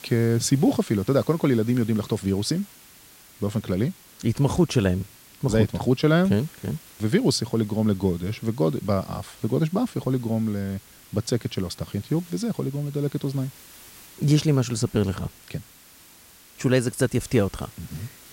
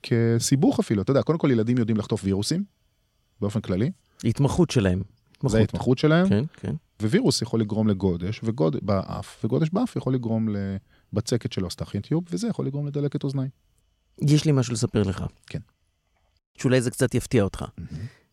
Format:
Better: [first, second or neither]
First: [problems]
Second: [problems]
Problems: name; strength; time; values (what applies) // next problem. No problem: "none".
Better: second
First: hiss; faint; throughout; 20 dB below the speech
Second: none